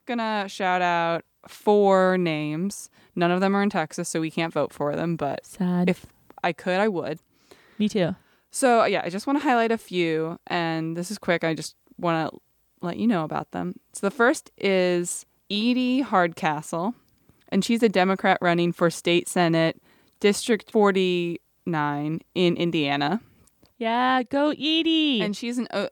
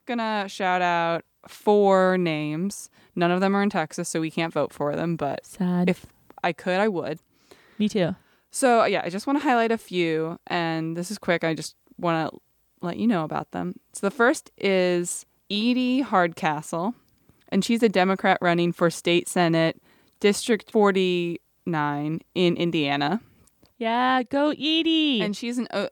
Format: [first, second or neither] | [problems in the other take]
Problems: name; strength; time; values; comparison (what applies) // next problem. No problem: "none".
neither | none